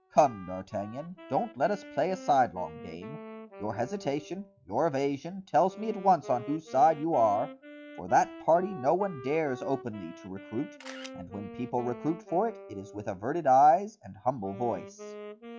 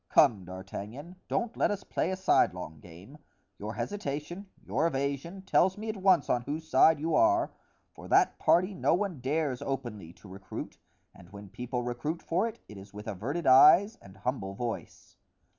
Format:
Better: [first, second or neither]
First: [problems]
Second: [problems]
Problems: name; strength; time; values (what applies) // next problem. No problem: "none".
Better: second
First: noise reduction (classical method log-MMSE)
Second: none